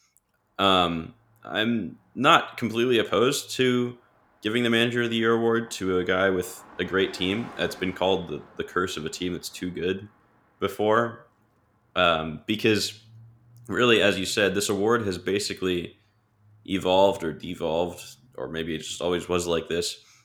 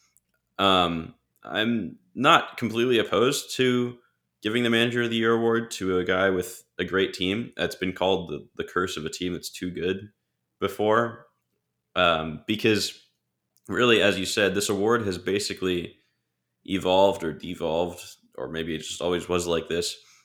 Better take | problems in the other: second | traffic noise; faint; throughout; 25 dB below the speech

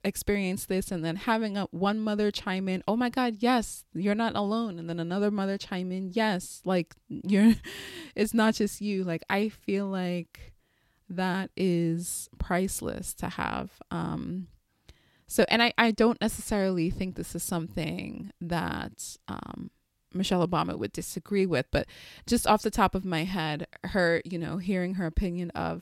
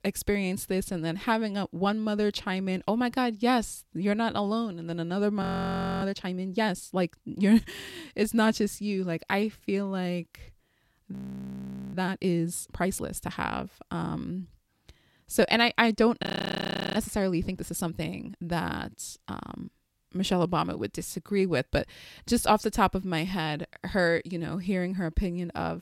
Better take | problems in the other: first | audio freezing; at 5.5 s for 0.5 s, at 11 s for 1 s and at 16 s for 0.5 s

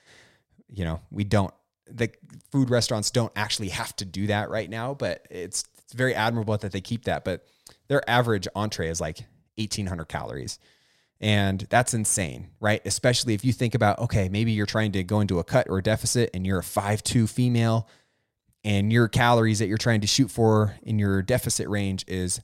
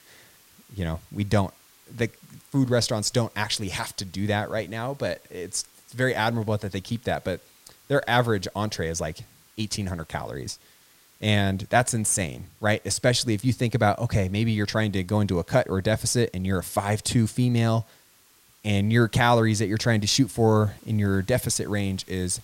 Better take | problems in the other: first | hiss; faint; throughout; 30 dB below the speech

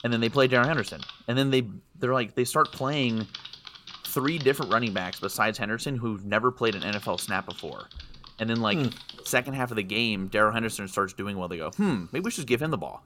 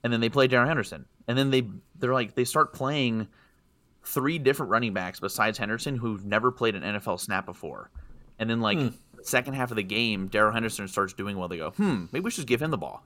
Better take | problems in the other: second | household noises; noticeable; throughout; 15 dB below the speech

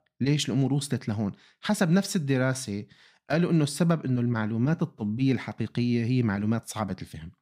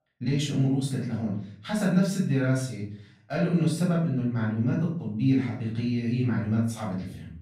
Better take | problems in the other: first | off-mic speech; far // room echo; noticeable; dies away in 0.5 s

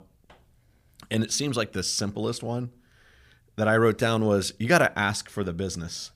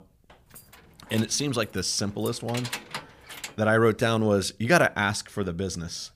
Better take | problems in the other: first | jangling keys; noticeable; from 0.5 to 3.5 s; peak 8 dB below the speech

